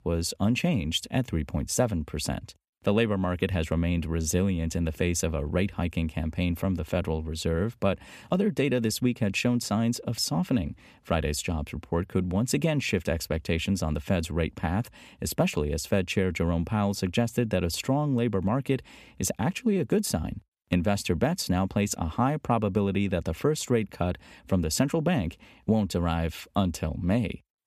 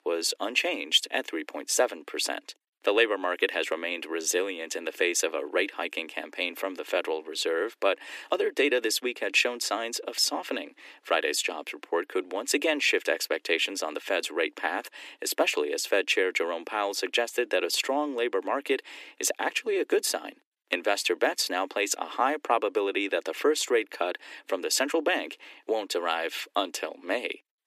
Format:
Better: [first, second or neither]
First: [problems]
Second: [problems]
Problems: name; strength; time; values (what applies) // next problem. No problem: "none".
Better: first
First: none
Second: thin; very; fading below 300 Hz